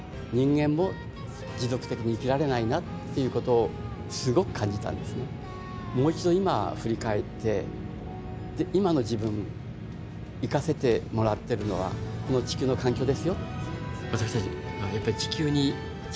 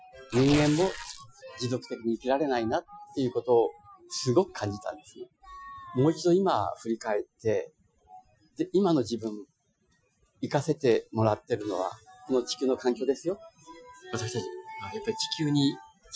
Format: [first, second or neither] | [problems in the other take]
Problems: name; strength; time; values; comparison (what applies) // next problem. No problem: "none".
first | noise reduction (classical method Wiener filter)